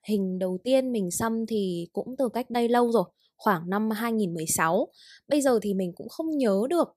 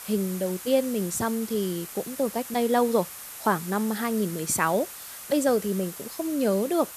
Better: first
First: none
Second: hiss; noticeable; throughout; 10 dB below the speech

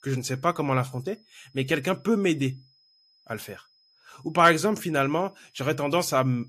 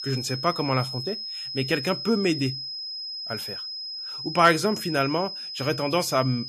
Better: first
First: high-pitched whine; faint; throughout; 5 kHz, 35 dB below the speech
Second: high-pitched whine; loud; throughout; 5 kHz, 7 dB below the speech

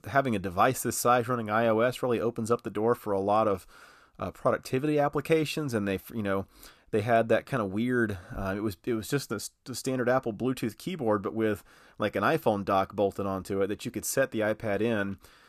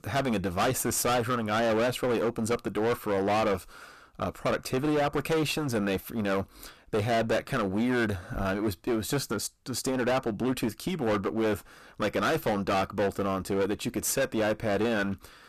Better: first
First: none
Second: distortion; heavy; 19% of the sound clipped

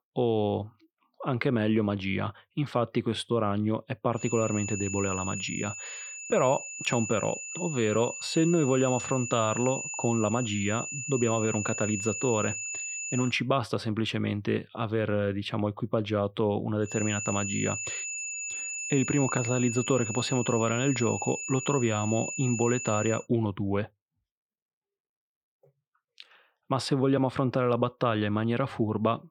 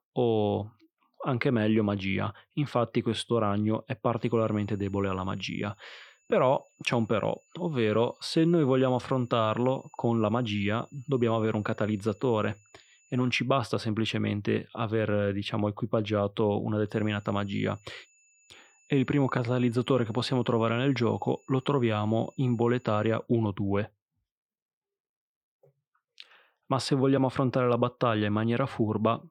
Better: second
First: high-pitched whine; loud; from 4 to 13 s and from 17 to 23 s; 7 kHz, 5 dB below the speech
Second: high-pitched whine; faint; from 4 to 13 s and from 17 to 23 s; 7 kHz, 35 dB below the speech

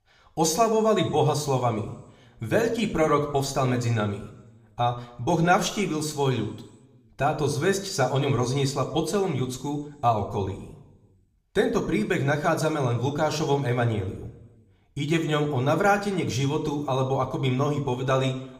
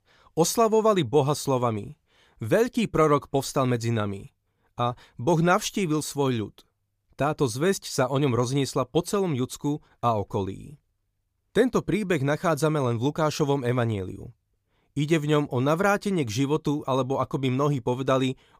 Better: second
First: room echo; slight; dies away in 0.8 s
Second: none

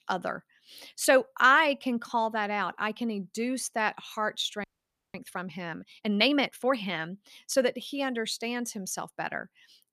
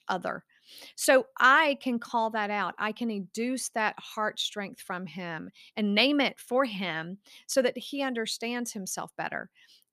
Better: second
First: audio freezing; at 4.5 s for 0.5 s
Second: none

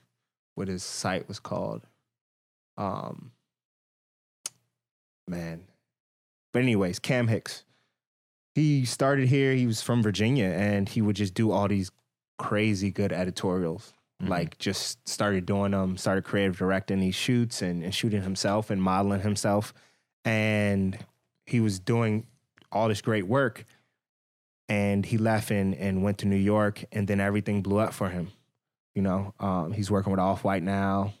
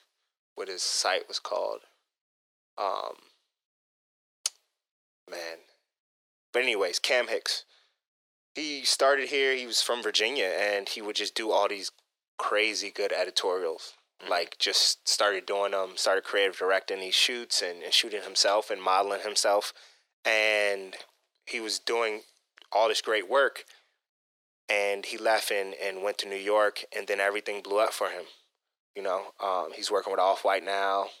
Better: first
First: none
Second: thin; very; fading below 400 Hz

